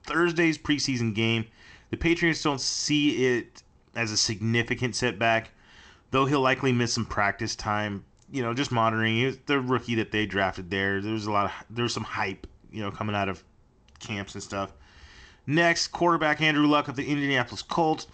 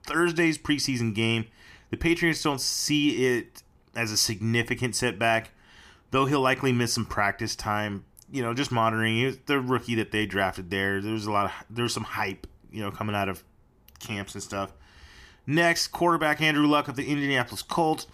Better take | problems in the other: second | garbled, watery; slightly

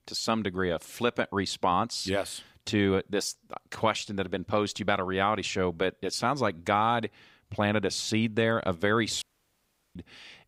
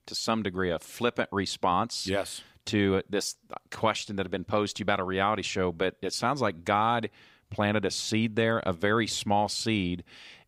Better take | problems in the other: second | audio cutting out; at 9 s for 0.5 s

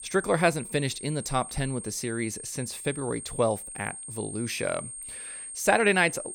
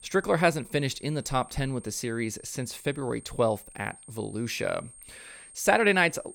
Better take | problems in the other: second | high-pitched whine; loud; throughout; 8.5 kHz, 10 dB below the speech; faint in the second

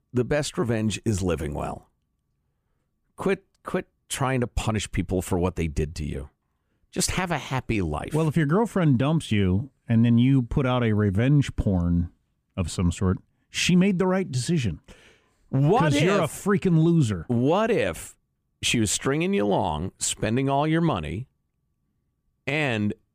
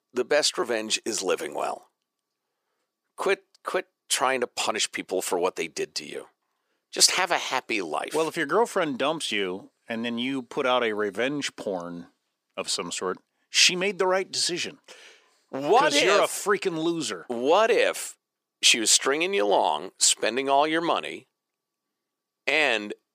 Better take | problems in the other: first | thin; very; fading below 400 Hz

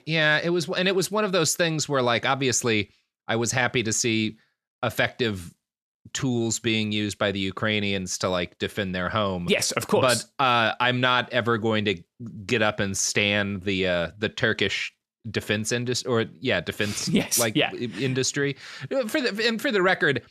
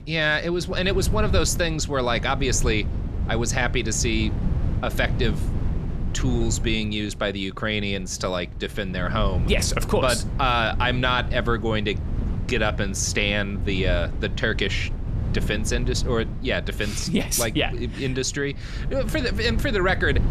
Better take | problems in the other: first | wind noise on the microphone; occasional gusts; 15 dB below the speech

